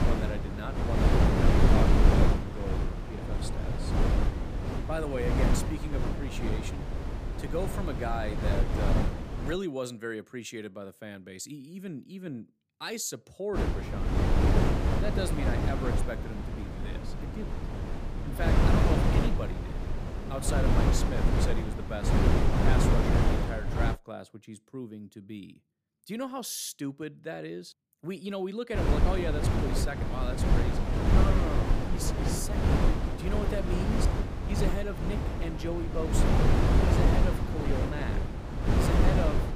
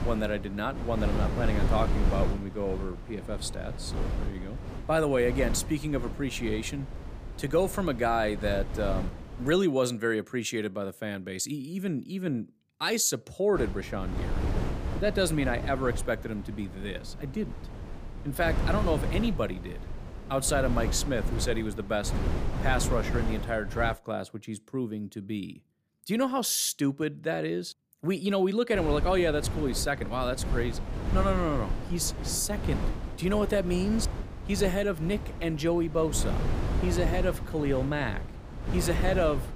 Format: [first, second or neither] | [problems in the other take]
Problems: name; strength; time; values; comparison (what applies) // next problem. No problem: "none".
second | wind noise on the microphone; heavy; until 9.5 s, from 14 to 24 s and from 29 s on; 3 dB above the speech; occasional gusts in the second